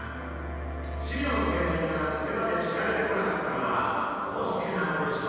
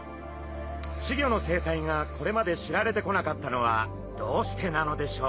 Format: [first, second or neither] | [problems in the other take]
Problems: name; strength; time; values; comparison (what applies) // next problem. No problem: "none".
second | background sound (Wind instrument, woodwind instrument); 20 dB below the speech // room echo; dies away in 2.1 s